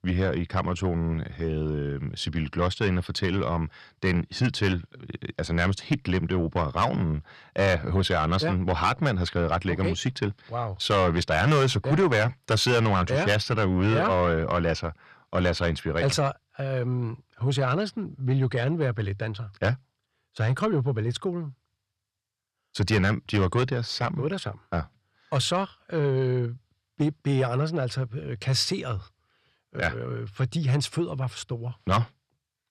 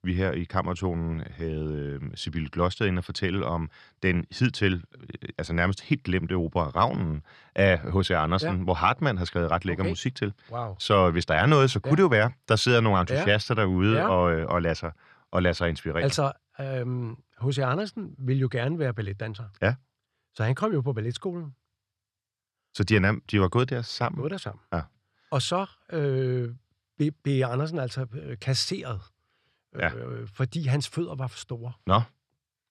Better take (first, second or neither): second